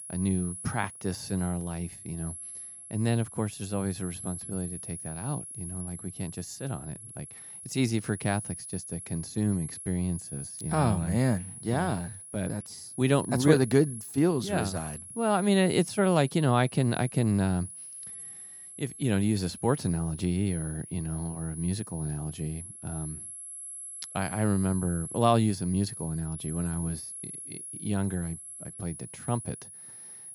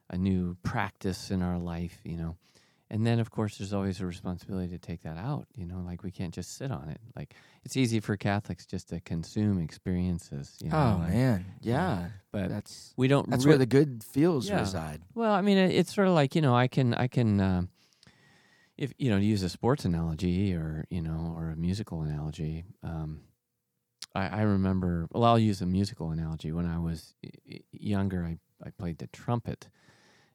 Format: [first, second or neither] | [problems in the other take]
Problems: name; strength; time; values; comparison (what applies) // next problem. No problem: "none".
second | high-pitched whine; noticeable; throughout; 10.5 kHz, 10 dB below the speech